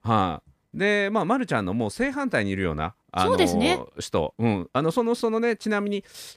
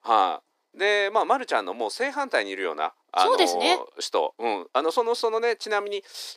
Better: first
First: none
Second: thin; very; fading below 300 Hz

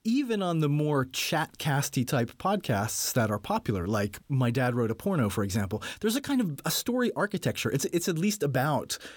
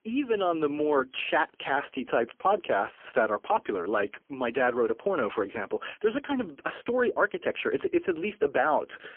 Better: first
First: none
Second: phone-call audio; poor line; nothing above 3 kHz

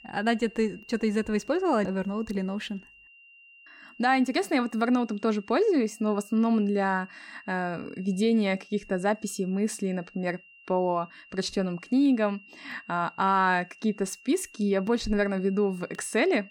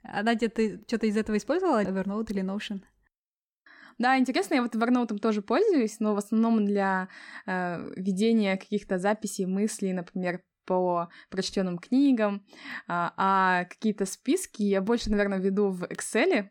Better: second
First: high-pitched whine; faint; throughout; 3 kHz, 25 dB below the speech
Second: none

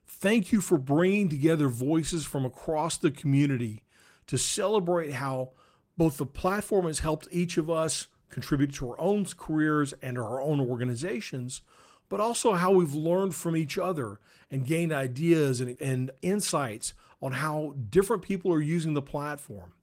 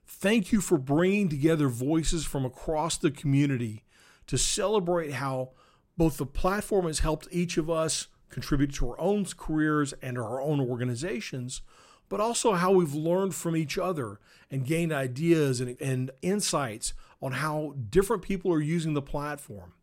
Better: second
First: garbled, watery; slightly; nothing above 16 kHz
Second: none

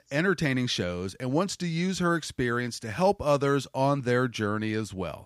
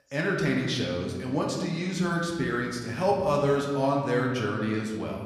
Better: first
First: none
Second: room echo; noticeable; dies away in 1.3 s // off-mic speech; somewhat distant

